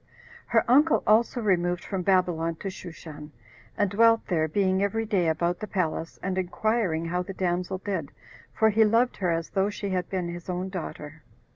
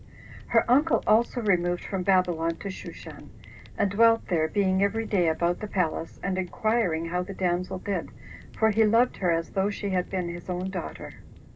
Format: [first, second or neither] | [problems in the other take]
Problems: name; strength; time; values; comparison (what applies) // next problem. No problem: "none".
first | background sound (Fire); 18 dB below the speech // room echo; dies away in 0.2 s